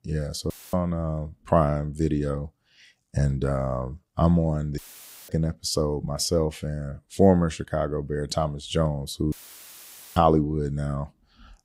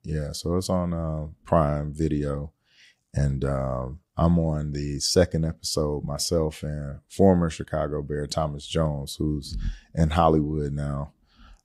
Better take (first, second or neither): second